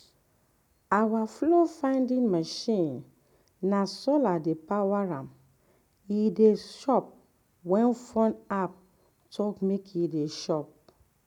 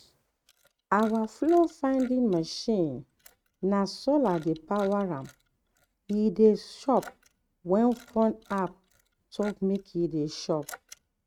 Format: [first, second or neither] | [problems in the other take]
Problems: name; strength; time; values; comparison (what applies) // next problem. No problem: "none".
first | noise reduction (neural mask model RNNoise)